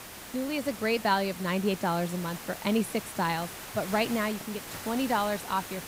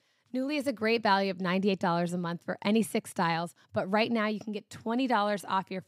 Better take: second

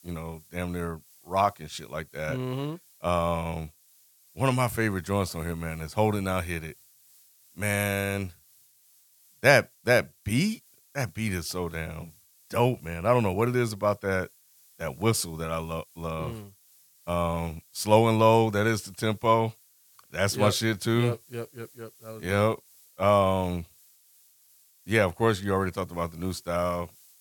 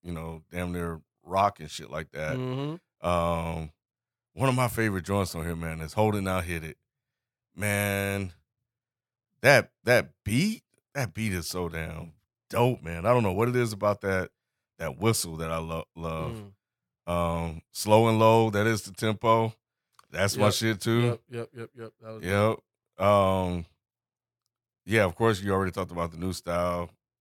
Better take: second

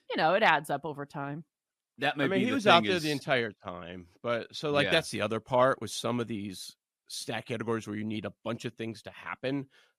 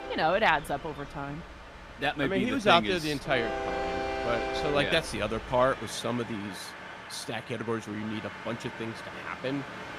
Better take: first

